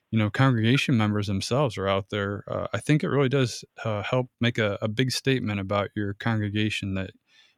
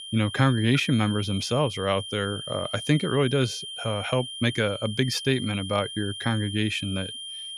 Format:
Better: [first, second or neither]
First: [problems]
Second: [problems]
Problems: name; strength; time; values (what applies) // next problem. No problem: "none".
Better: first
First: none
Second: high-pitched whine; loud; throughout; 3 kHz, 9 dB below the speech